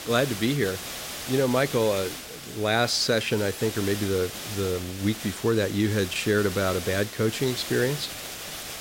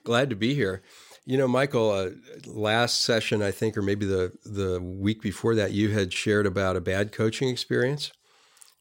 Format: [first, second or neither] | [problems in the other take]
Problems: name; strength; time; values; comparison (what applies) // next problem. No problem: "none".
second | hiss; loud; throughout; 9 dB below the speech